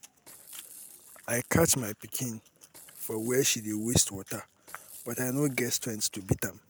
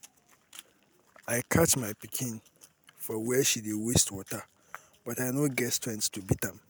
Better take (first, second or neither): second